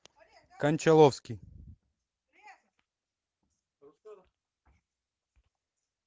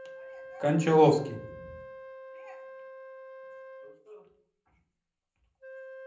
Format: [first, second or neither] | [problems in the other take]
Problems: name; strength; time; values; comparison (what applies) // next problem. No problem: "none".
first | background sound (Wind instrument, woodwind instrument); 15 dB below the speech // room echo; dies away in 0.6 s